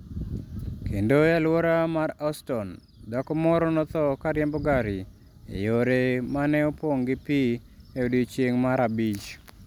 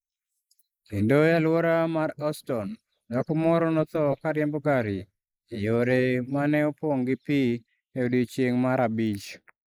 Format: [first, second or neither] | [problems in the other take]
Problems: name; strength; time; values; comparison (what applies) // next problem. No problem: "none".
first | noise reduction (neural mask model Resemble Enhance denoiser)